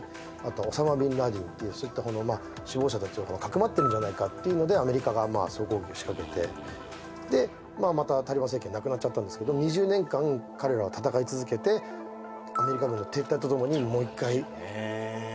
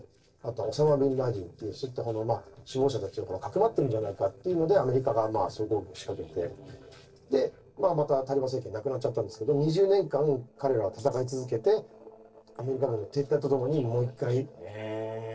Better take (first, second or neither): first